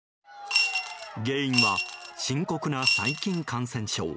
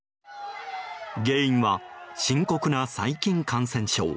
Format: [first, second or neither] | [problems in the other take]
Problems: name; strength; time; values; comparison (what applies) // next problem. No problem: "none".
second | background sound (Coin (dropping) / Glass); 1 dB above the speech